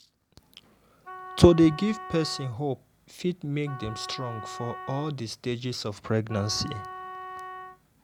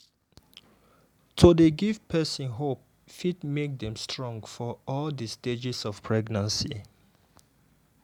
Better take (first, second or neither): second